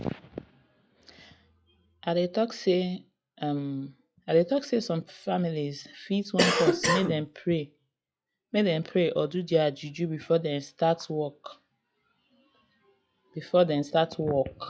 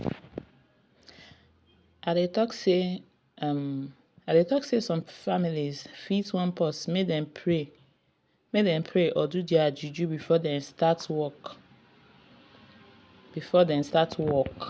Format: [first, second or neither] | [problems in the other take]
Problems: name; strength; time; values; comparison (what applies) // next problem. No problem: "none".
second | noise reduction (classical method log-MMSE)